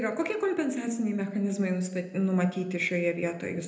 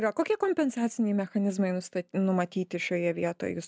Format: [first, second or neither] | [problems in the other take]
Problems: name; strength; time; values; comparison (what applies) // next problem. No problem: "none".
second | room echo; dies away in 0.7 s